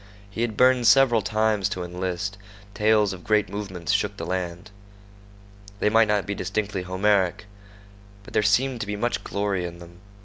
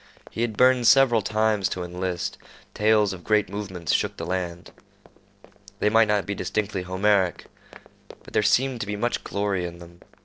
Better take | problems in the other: first | noise reduction (neural separator model SepFormer DNS4)

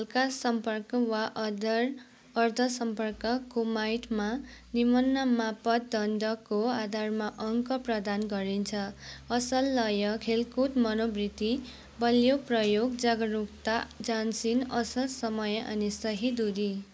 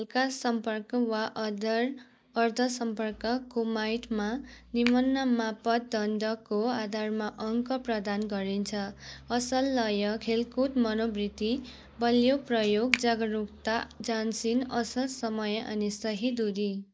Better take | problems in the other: first | noise reduction (neural mask model DeepFilterNet 3)

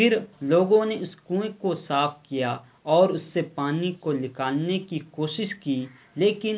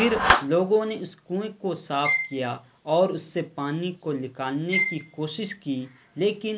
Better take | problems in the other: first | background sound (Bowed string instrument + Clapping); 4 dB below the speech

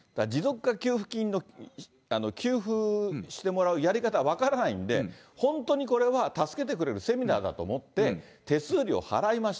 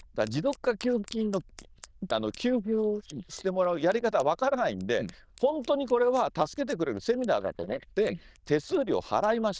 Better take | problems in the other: first | noise reduction (neural diffusion model UNIVERSE++)

